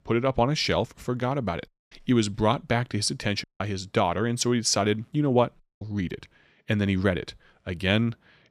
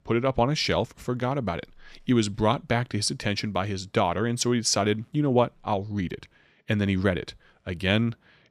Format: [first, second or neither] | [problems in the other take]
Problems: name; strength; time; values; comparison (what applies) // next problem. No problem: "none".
second | audio cutting out; at 1.5 s, at 3.5 s and at 5.5 s